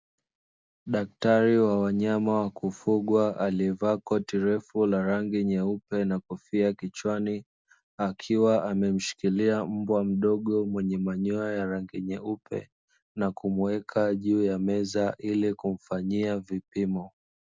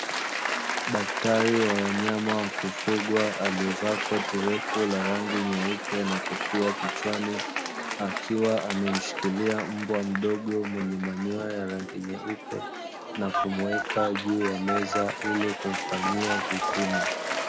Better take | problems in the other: first | background sound (Telephone + Applause / Cheering); 2 dB below the speech

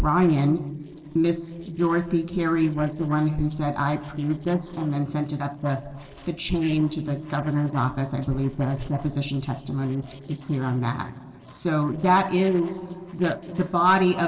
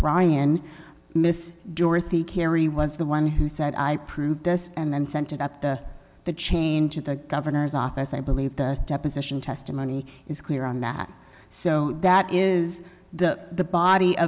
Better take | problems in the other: second | noise reduction (neural separator model SepFormer DNS4)

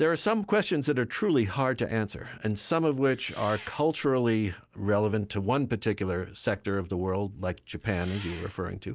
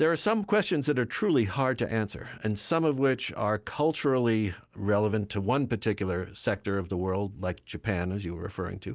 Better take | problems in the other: second | background sound (Engine); 19 dB below the speech

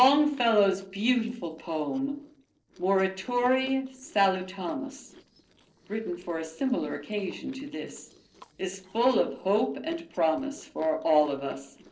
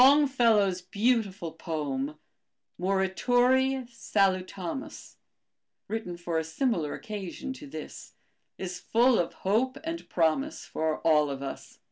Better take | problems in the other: second | noise reduction (neural separator model SepFormer DNS4)

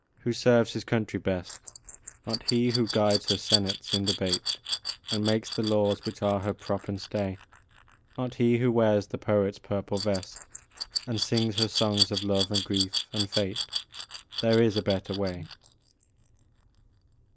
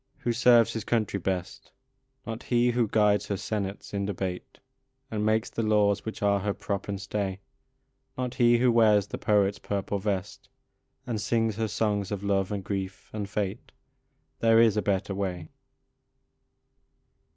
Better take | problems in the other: second | noise reduction (neural mask model Resemble Enhance denoiser)

